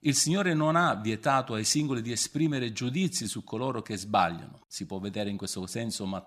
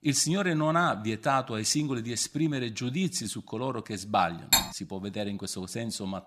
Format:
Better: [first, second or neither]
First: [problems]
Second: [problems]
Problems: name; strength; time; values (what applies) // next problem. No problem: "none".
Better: first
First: none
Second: clattering dishes; loud; at 4.5 s; peak 5 dB above the speech